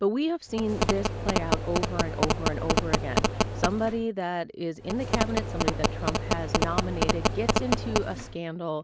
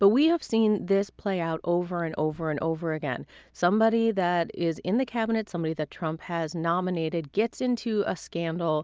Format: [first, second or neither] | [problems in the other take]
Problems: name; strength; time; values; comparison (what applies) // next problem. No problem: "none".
second | background sound (Telephone); 4 dB above the speech